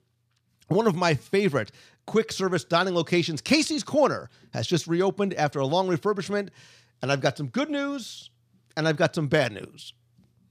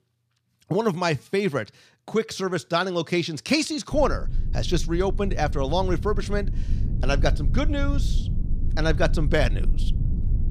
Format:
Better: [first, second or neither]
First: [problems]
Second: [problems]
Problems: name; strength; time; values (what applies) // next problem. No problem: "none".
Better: first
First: none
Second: low rumble; noticeable; from 4 s on; 15 dB below the speech